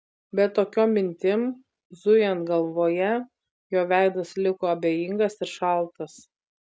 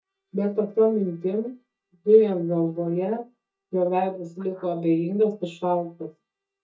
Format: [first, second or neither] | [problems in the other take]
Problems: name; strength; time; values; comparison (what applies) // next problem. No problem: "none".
first | noise reduction (neural mask model DeepFilterNet 3)